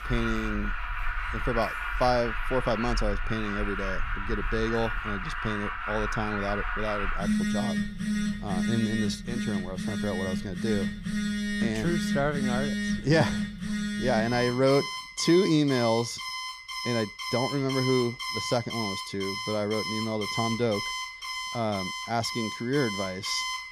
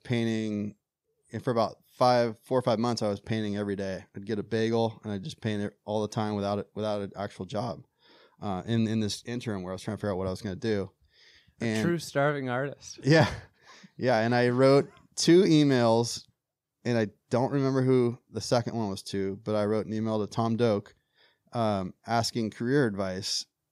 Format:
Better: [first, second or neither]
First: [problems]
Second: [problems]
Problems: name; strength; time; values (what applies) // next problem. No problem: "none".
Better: second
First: alarms or sirens; loud; throughout; 2 dB below the speech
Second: none